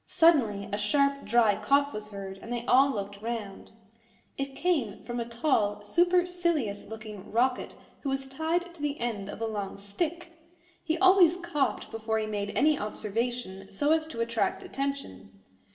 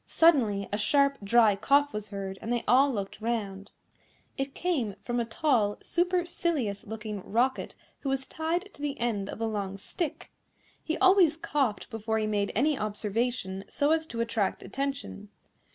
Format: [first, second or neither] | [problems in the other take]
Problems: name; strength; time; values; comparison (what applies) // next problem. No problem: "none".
second | room echo; dies away in 0.8 s